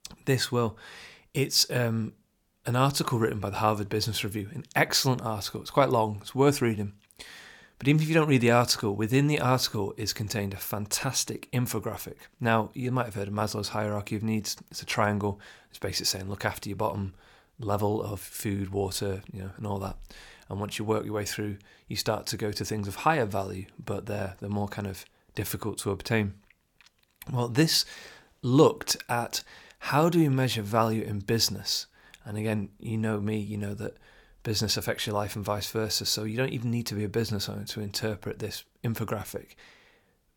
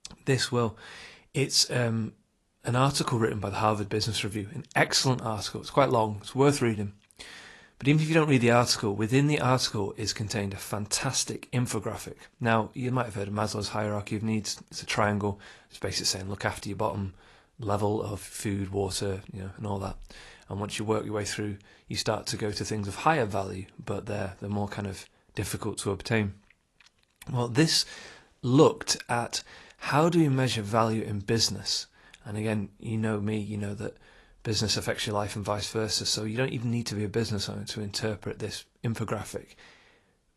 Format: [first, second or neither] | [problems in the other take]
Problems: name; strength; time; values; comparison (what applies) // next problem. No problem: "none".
first | garbled, watery; slightly; nothing above 11.5 kHz